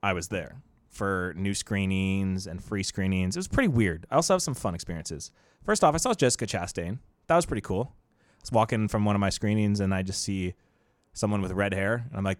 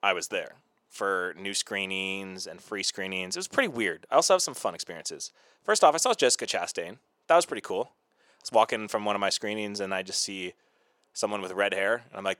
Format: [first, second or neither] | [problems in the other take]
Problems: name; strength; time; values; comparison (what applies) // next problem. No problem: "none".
first | thin; very; fading below 500 Hz